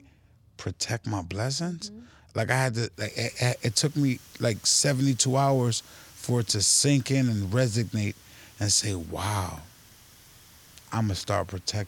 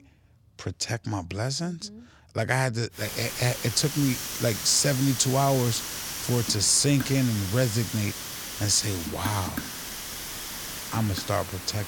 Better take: first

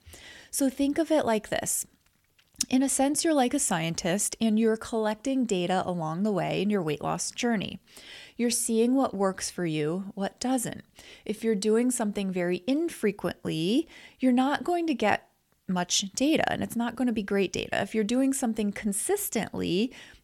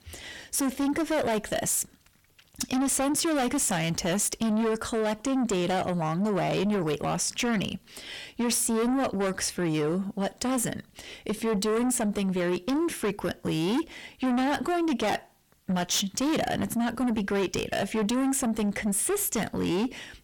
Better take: first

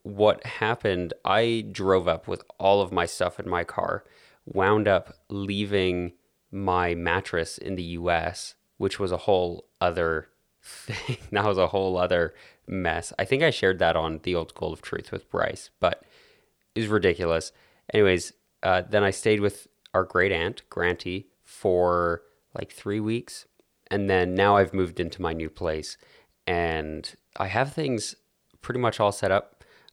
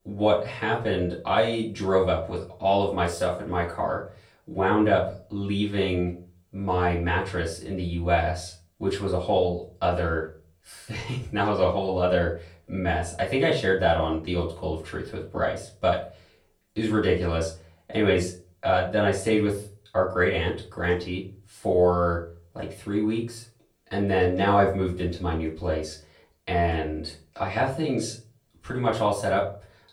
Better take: first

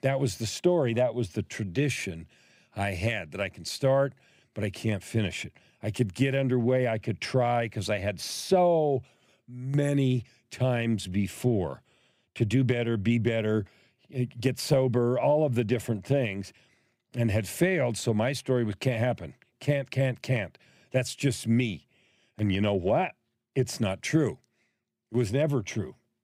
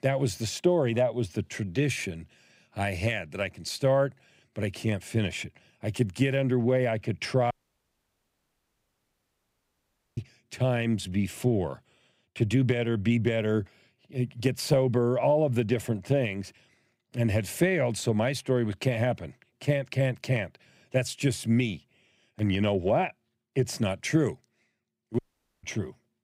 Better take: first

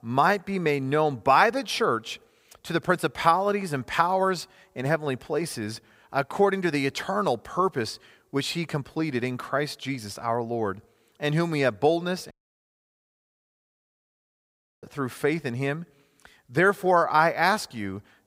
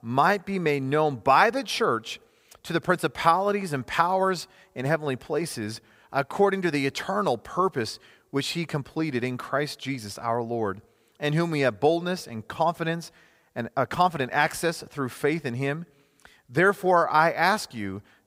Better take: second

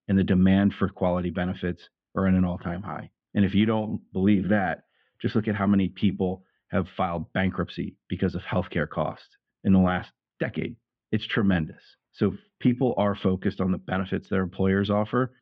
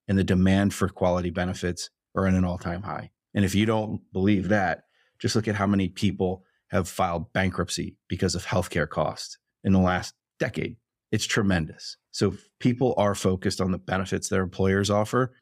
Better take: second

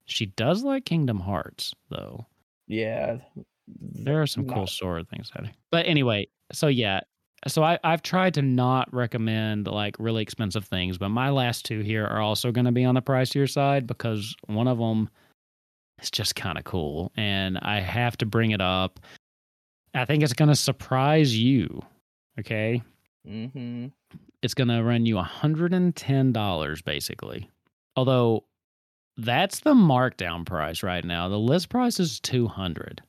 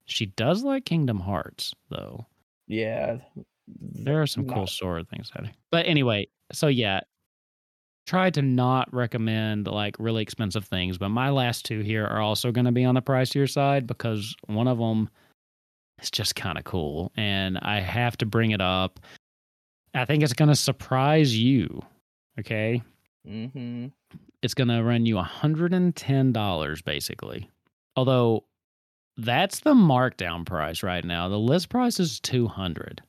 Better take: first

